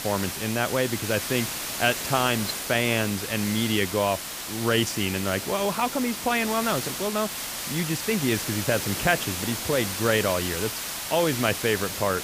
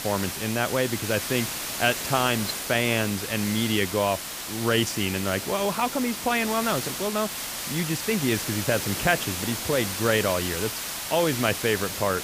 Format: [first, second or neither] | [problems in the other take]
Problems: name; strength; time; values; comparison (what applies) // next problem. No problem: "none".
neither | hiss; loud; throughout; 4 dB below the speech; the same in both